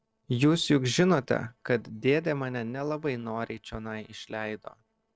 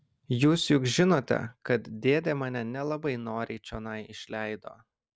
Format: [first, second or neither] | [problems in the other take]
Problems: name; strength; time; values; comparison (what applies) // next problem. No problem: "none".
second | noise reduction (neural separator model SepFormer DNS4)